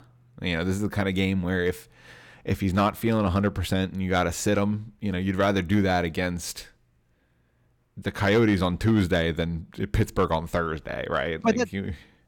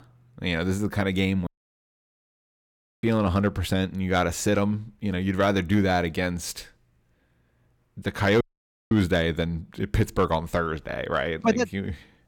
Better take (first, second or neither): first